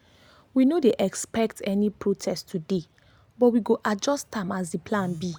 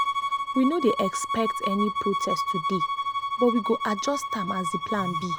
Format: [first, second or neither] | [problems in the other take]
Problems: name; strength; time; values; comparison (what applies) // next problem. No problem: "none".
first | background sound (Bowed string instrument); 1 dB below the speech